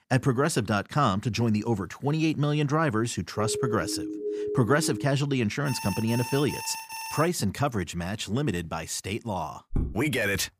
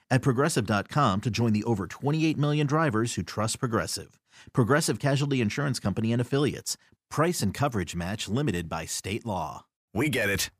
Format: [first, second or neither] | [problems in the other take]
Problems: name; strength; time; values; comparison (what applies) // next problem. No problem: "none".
second | siren; noticeable; from 3.5 to 5 s; peak 4 dB below the speech // alarm; noticeable; from 5.5 to 7.5 s; peak 8 dB below the speech // footsteps; noticeable; at 9.5 s; peak 6 dB below the speech